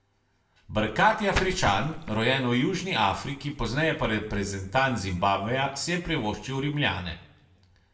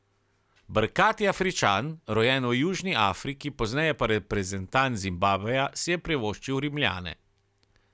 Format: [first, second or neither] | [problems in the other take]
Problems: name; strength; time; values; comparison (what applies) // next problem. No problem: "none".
second | background sound (Splash, splatter); 9 dB below the speech // room echo; dies away in 0.5 s